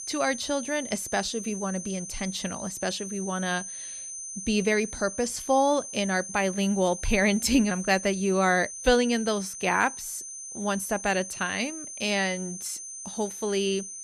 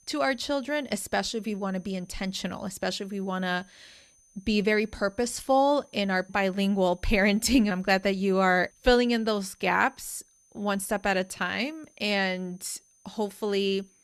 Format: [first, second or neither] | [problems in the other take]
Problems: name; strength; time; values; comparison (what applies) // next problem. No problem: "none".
second | high-pitched whine; loud; throughout; 6 kHz, 9 dB below the speech; faint in the second